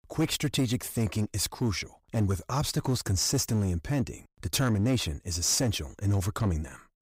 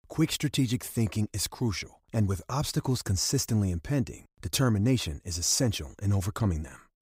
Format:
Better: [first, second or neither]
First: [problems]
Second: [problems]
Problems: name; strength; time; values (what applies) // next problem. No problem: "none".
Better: second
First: distortion; slight; 7% of the sound clipped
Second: none